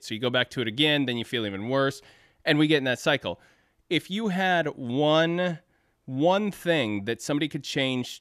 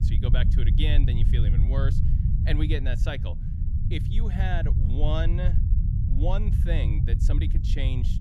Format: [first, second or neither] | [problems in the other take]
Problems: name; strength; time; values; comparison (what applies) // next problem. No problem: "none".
first | low rumble; loud; throughout; 5 dB below the speech